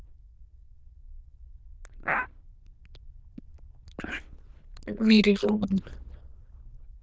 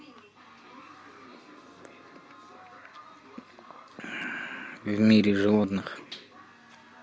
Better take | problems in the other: second | noise reduction (neural diffusion model UNIVERSE++)

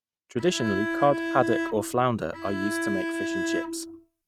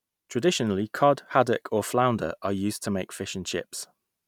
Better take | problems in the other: second | noise reduction (neural mask model RNNoise)

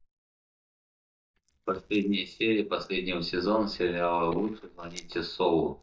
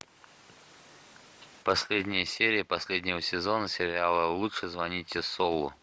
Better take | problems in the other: second | noise reduction (neural mask model DeepFilterNet 3)

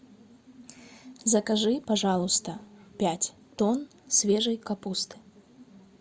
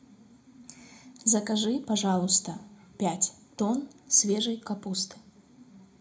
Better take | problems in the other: first | room echo; dies away in 0.3 s

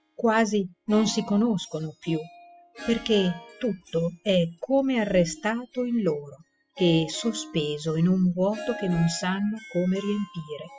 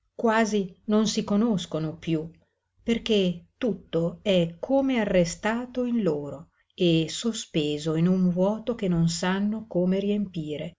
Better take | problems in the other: second | noise reduction (classical method spectral subtraction)

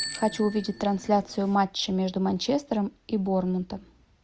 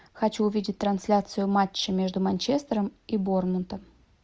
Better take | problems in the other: second | background sound (Bicycle bell); 16 dB below the speech

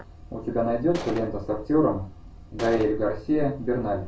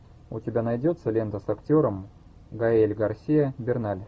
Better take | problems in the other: second | background sound (Gunshot, gunfire); 11 dB below the speech // room echo; dies away in 0.2 s

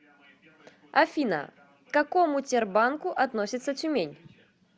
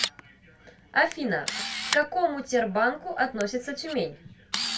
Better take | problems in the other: first | background sound (Camera); 8 dB below the speech // room echo; dies away in 0.2 s

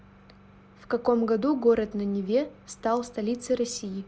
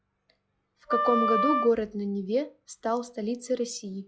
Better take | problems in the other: first | noise reduction (classical method log-MMSE)

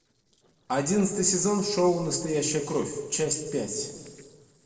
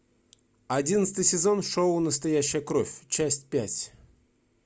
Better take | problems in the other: second | noise reduction (neural separator model SepFormer DNS4)

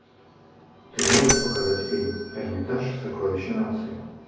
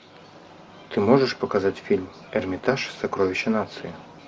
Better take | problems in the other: second | background sound (Bell / Mechanisms); 2 dB below the speech // room echo; dies away in 1.3 s

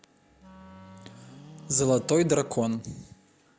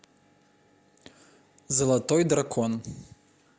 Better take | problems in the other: second | background sound (Wind instrument, woodwind instrument + Livestock, farm animals, working animals); 20 dB below the speech

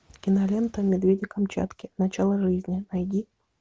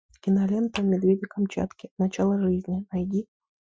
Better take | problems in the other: first | noise reduction (classical method Wiener filter)

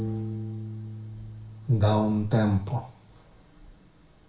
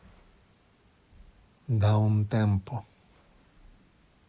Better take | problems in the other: second | background sound (Piano); 10 dB below the speech // room echo; dies away in 0.4 s

